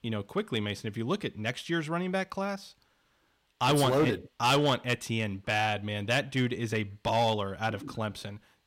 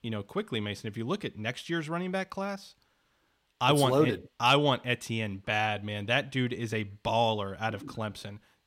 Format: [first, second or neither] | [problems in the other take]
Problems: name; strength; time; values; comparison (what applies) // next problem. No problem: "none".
second | distortion; slight; 3% of the sound clipped